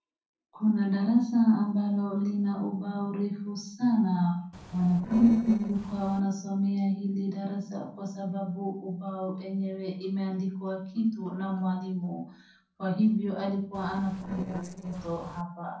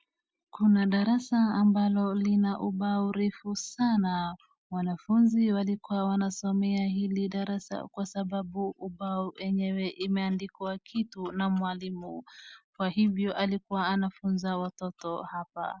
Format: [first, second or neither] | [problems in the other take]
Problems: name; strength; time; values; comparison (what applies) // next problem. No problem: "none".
second | noise reduction (neural separator model SepFormer DNS4)